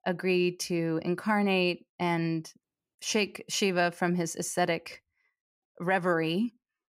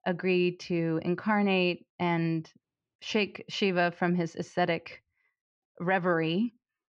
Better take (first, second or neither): first